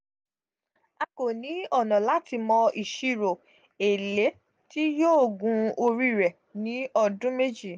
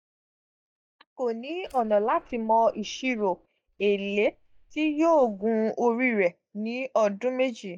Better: first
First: none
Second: noise reduction (neural mask model DeepFilterNet 3)

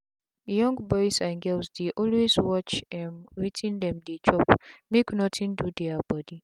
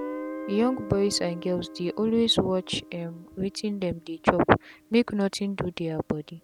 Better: first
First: none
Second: background sound (Guitar); 15 dB below the speech

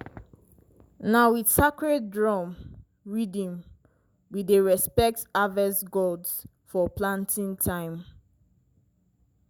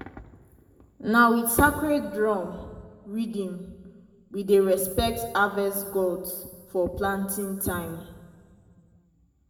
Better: first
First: none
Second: room echo; dies away in 1.3 s

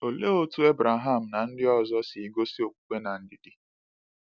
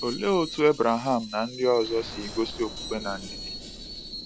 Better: first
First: none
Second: background sound (Screech + Explosion); 12 dB below the speech

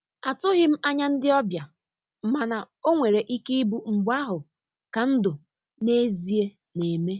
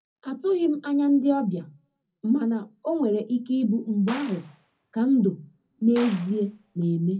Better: first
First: none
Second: background sound (Gunshot, gunfire); 19 dB below the speech // room echo; dies away in 0.4 s

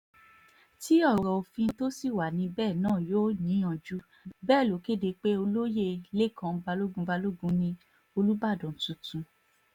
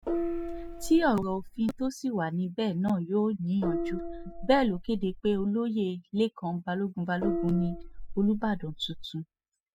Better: first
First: none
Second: noise reduction (classical method spectral subtraction)

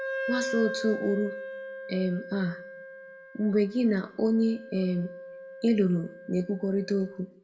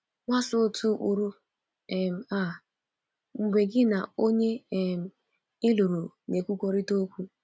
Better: second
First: background sound (Wind instrument, woodwind instrument); 10 dB below the speech // room echo; dies away in 0.5 s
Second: none

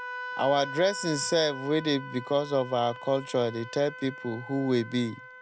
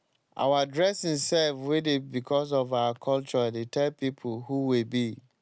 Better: second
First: background sound (Wind instrument, woodwind instrument); 12 dB below the speech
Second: none

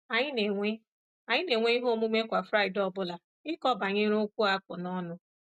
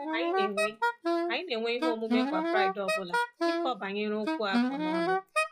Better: first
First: none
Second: noise reduction (classical method log-MMSE)

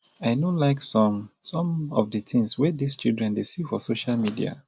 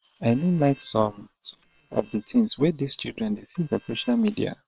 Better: first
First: none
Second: noise reduction (neural separator model SepFormer WHAM!)

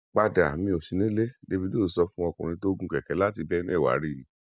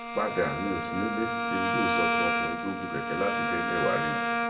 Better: first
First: none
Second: background sound (Bowed string instrument); 3 dB above the speech // room echo; dies away in 1.6 s

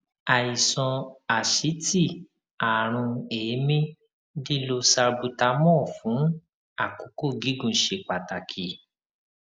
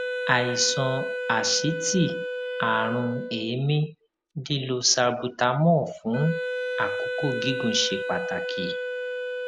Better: first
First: none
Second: background sound (Wind instrument, woodwind instrument); 5 dB below the speech

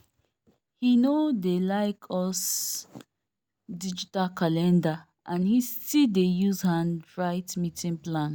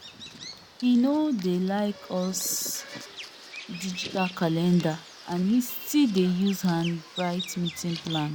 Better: first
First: none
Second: background sound (Bird vocalization, bird call, bird song); 14 dB below the speech

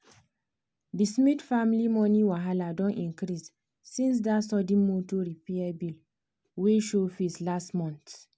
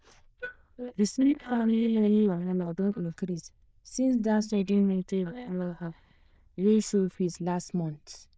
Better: first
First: none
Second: noise reduction (neural diffusion model UNIVERSE++)

